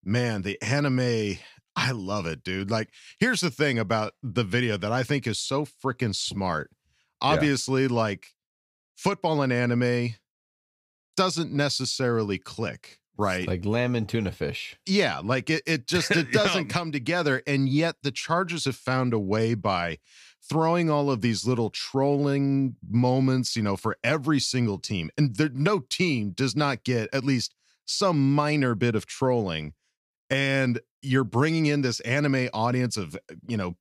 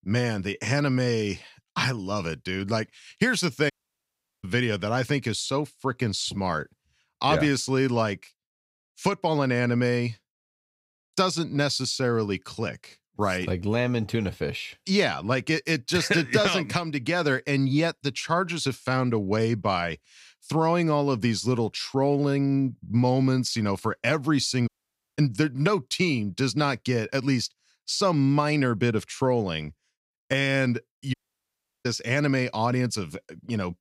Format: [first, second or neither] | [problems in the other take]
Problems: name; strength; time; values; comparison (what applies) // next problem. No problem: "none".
first | audio cutting out; at 3.5 s for 0.5 s, at 25 s and at 31 s for 0.5 s